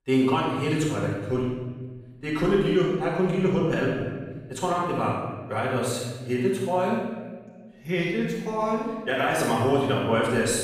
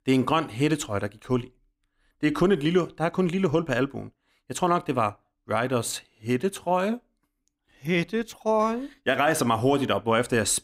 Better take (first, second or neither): second